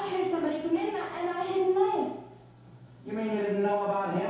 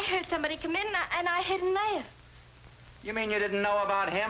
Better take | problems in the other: second | room echo; dies away in 0.8 s

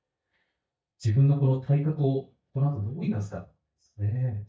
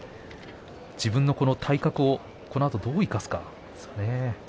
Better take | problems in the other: second | noise reduction (neural mask model DeepFilterNet 3)

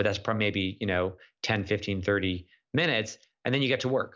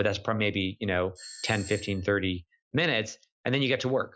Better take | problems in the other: first | noise reduction (classical method Wiener filter)

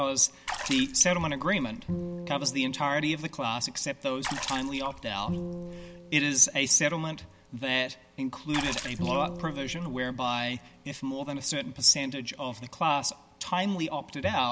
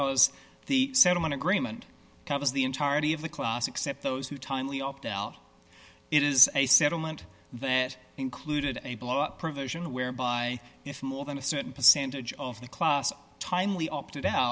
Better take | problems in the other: second | background sound (Bowed string instrument + Water / Splash, splatter); 9 dB below the speech

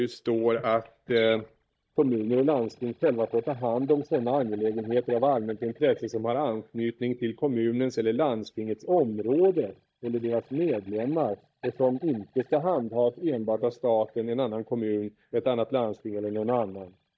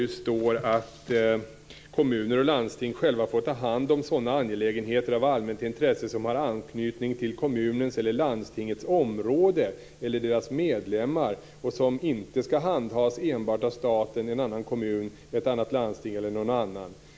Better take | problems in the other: second | noise reduction (neural mask model DeepFilterNet 3)

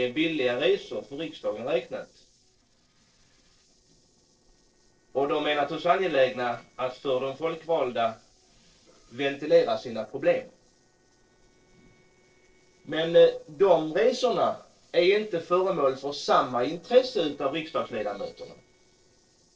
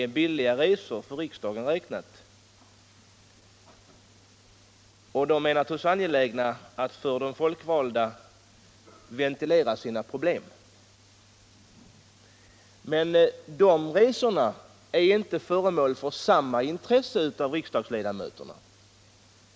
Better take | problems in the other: second | noise reduction (neural separator model SepFormer DNS4)

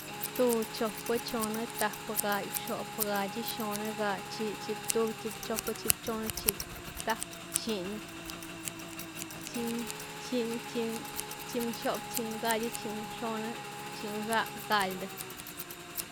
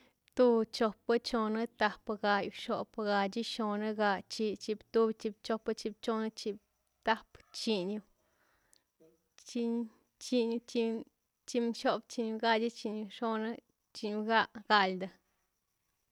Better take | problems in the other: second | background sound (Motorcycle / Engine + Scissors); 3 dB below the speech

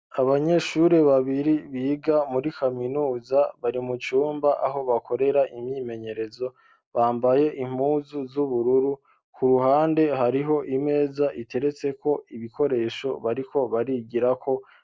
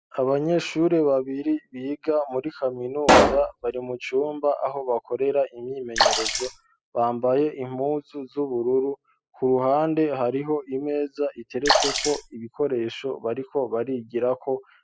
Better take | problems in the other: first | noise reduction (classical method spectral subtraction)

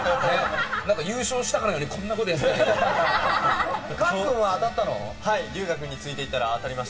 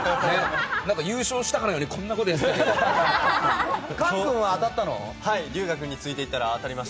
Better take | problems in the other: second | background sound (Telephone); 17 dB below the speech // room echo; dies away in 3 s

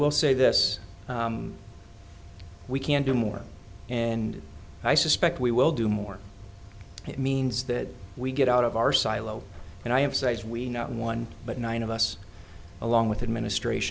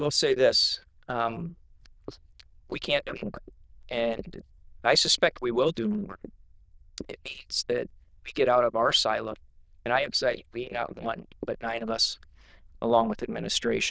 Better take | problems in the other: first | noise reduction (neural diffusion model UNIVERSE++)

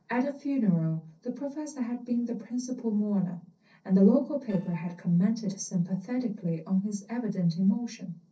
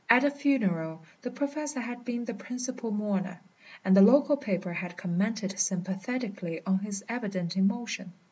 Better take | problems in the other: second | noise reduction (neural separator model SepFormer DNS4)

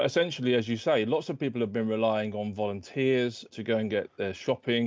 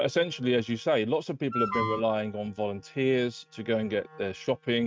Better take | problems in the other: first | noise reduction (neural mask model RNNoise)

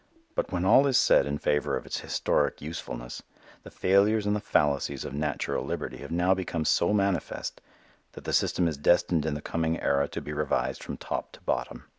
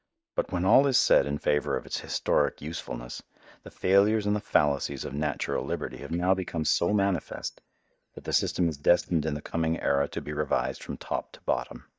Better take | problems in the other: first | noise reduction (neural mask model DeepFilterNet 3)

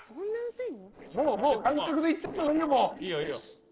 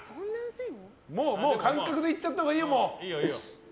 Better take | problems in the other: second | noise reduction (neural separator model SepFormer DNS4)

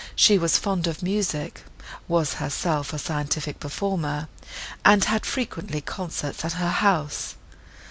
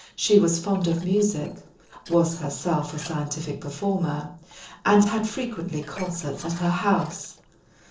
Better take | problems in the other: first | noise reduction (neural separator model SepFormer DNS4)

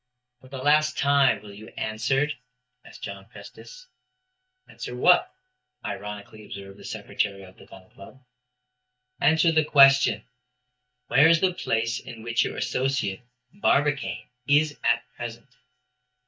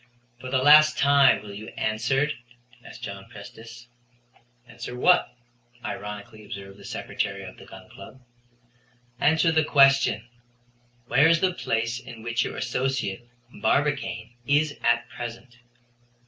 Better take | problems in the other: second | noise reduction (neural mask model DeepFilterNet 3)

